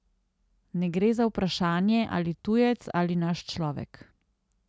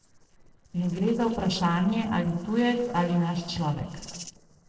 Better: first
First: none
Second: noise reduction (neural separator model SepFormer DNS4)

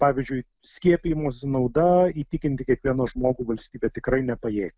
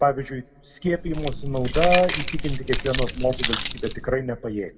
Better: first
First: none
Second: background sound (Keys jangling); 1 dB below the speech // room echo; dies away in 1.1 s

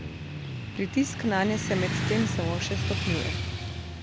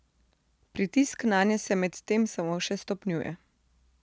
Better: second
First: background sound (Motorcycle / Traffic noise, roadway noise); as loud as the speech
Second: none

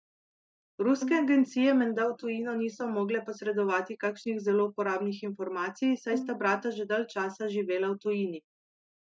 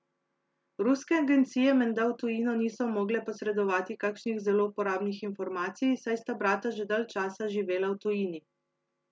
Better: second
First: noise reduction (classical method Wiener filter)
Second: none

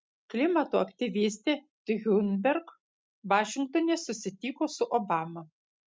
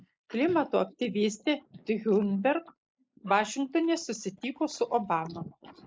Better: first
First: none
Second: noise reduction (neural mask model Resemble Enhance denoiser)

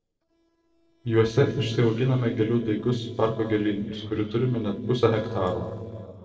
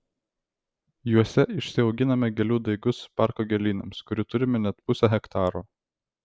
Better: second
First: noise reduction (neural separator model SepFormer DNS4)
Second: none

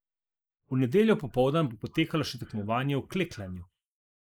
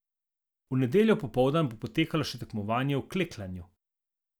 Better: second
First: noise reduction (neural mask model Resemble Enhance denoiser)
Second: none

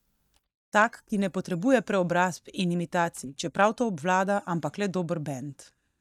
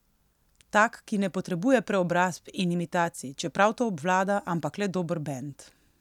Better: second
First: noise reduction (neural mask model DeepFilterNet 3)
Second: none

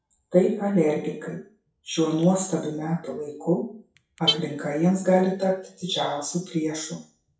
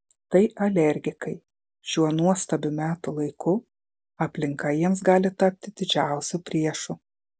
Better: second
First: noise reduction (classical method WPE with log-MMSE)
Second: none

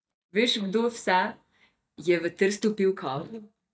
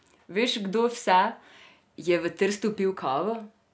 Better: second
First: noise reduction (neural mask model DeepFilterNet 3)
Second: none

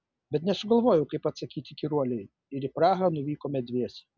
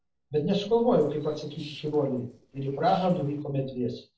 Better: first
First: none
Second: noise reduction (neural separator model SepFormer DNS4)

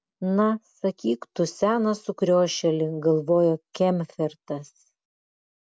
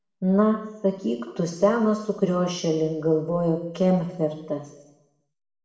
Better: first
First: none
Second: room echo; dies away in 0.8 s

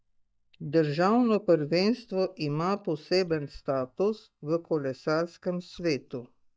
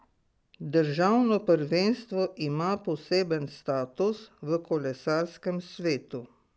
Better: second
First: noise reduction (neural mask model DeepFilterNet 3)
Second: none

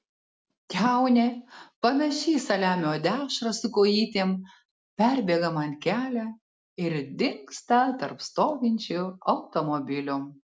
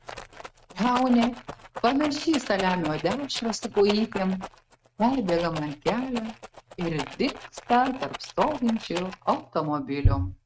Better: first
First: none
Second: noise reduction (neural mask model RNNoise)

